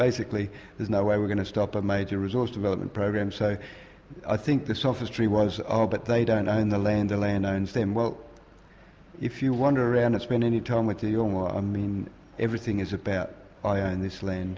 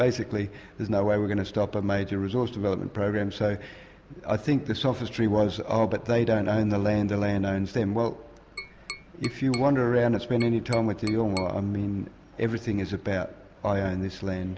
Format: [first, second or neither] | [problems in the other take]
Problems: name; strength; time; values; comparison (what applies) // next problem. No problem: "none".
first | background sound (Tap); 15 dB below the speech